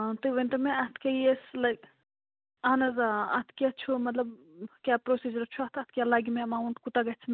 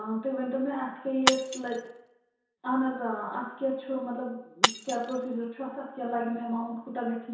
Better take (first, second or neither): first